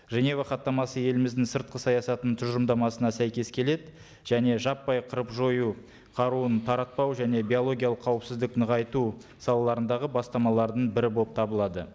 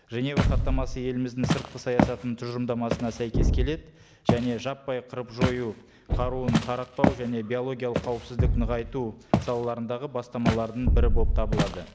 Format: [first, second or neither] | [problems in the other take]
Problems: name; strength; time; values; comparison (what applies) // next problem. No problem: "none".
first | background sound (Thump, thud + Walk, footsteps); 3 dB above the speech